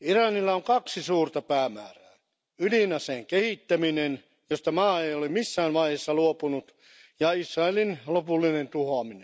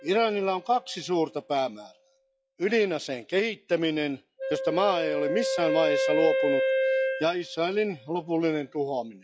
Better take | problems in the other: first | noise reduction (classical method log-MMSE)

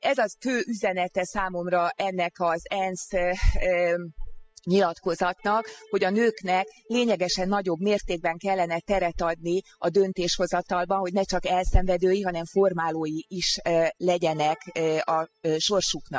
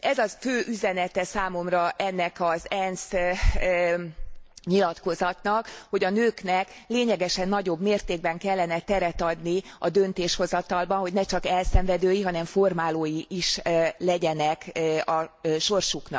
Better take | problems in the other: second | noise reduction (classical method spectral subtraction)

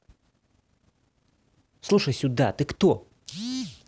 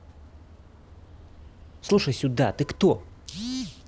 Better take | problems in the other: first | background sound (Vehicle horn, car horn, honking); 19 dB below the speech

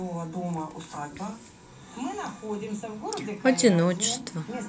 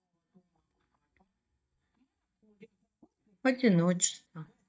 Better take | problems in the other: first | noise reduction (neural mask model DeepFilterNet 3)

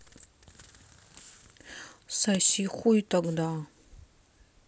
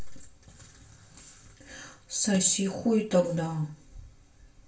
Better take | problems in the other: first | room echo; dies away in 0.3 s

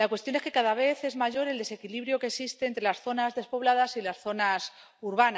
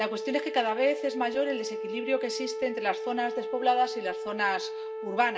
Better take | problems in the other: first | background sound (Wind instrument, woodwind instrument); 5 dB below the speech // room echo; dies away in 0.2 s

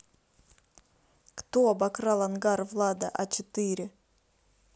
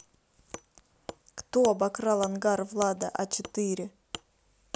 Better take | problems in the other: first | background sound (Wood); 16 dB below the speech

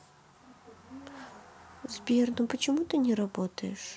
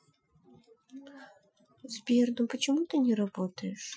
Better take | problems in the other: first | noise reduction (classical method Wiener filter)

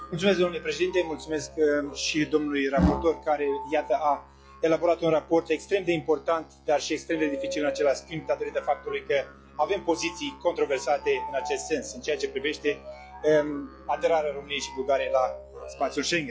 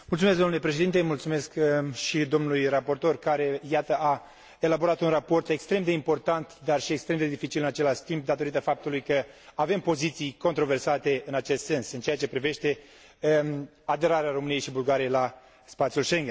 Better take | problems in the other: second | noise reduction (classical method log-MMSE)

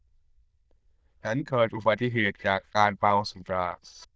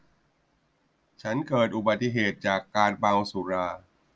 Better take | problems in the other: second | noise reduction (neural diffusion model UNIVERSE++)

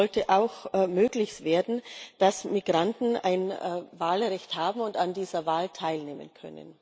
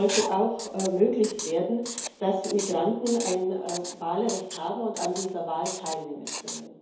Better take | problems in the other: first | background sound (Writing); 10 dB below the speech // room echo; dies away in 2.2 s

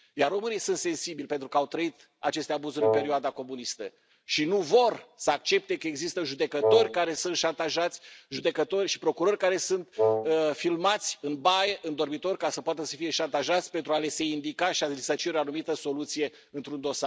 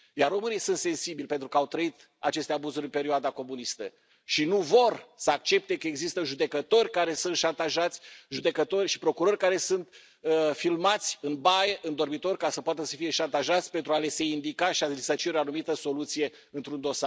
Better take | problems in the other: second | background sound (Wind instrument, woodwind instrument); 1 dB above the speech

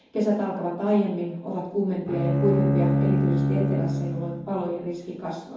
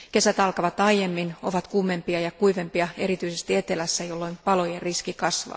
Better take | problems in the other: second | background sound (Bowed string instrument); 2 dB above the speech // room echo; dies away in 0.9 s

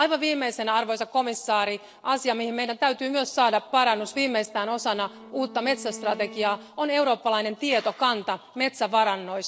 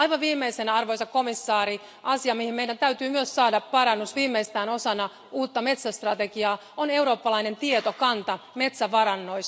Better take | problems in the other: second | noise reduction (neural separator model SepFormer DNS4)

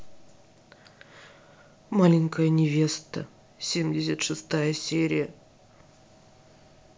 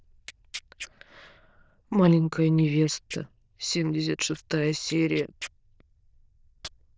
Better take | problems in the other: first | noise reduction (neural diffusion model UNIVERSE++)

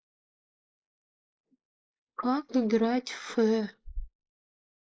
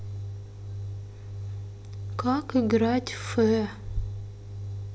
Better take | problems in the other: second | noise reduction (neural mask model Resemble Enhance denoiser)

